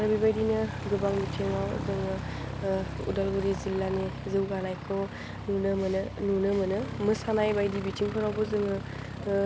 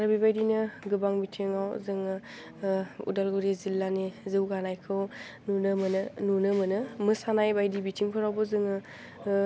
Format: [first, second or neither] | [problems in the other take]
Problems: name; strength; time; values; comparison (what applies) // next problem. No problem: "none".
second | background sound (Aircraft); 7 dB below the speech